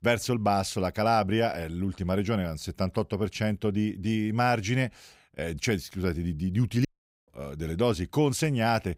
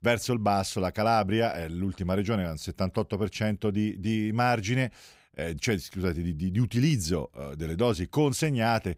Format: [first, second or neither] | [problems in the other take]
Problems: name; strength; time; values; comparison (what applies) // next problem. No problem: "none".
second | audio cutting out; at 7 s